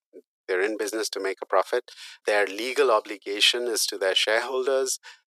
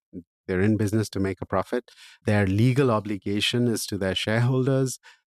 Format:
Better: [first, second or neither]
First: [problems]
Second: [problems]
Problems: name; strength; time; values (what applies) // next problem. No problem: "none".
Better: second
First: thin; very; fading below 400 Hz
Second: none